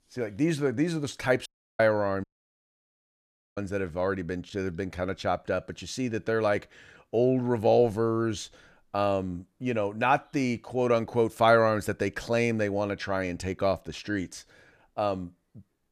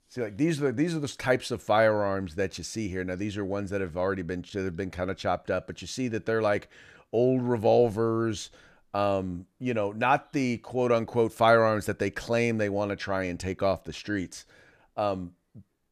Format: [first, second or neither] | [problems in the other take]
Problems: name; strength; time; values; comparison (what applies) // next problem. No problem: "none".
second | audio cutting out; at 1.5 s and at 2 s for 1.5 s